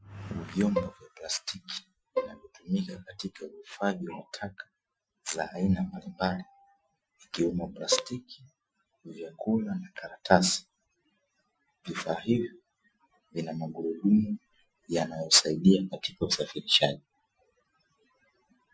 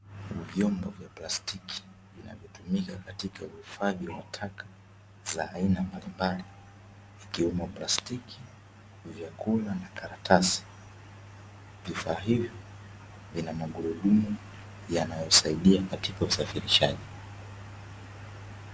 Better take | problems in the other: second | noise reduction (classical method Wiener filter)

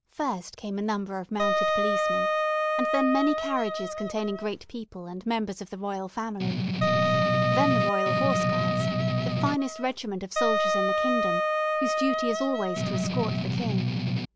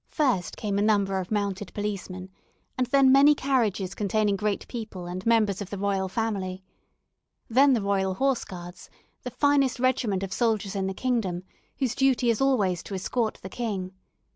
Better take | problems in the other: second | background sound (Wind instrument, woodwind instrument + Strum); 5 dB above the speech

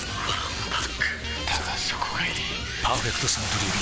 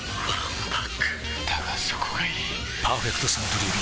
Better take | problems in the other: second | background sound (Domestic sounds, home sounds); 13 dB below the speech

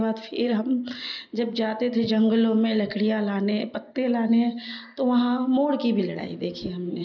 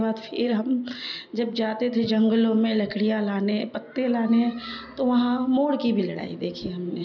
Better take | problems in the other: second | noise reduction (neural mask model Resemble Enhance denoiser)

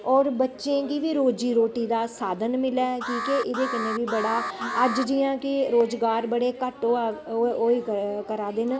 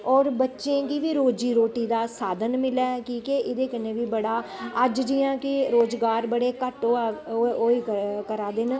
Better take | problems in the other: second | background sound (Alarm); 8 dB below the speech

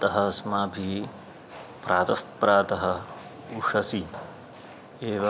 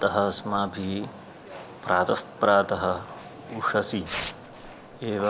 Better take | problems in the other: first | background sound (Tearing); 18 dB below the speech

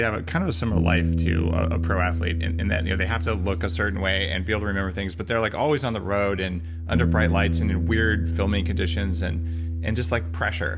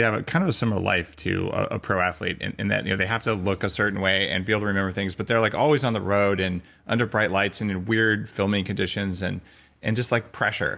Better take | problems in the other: second | background sound (Bass guitar); 1 dB above the speech

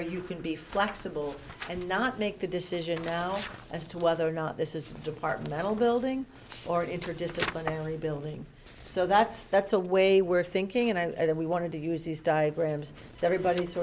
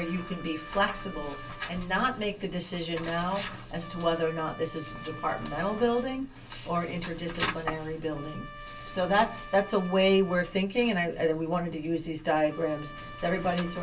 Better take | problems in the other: first | background sound (Trumpet); 17 dB below the speech // room echo; dies away in 0.1 s

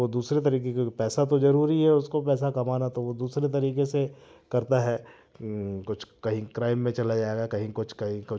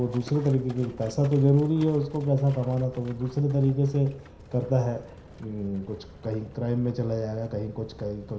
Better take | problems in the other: first | background sound (Livestock, farm animals, working animals); 20 dB below the speech // room echo; dies away in 0.5 s

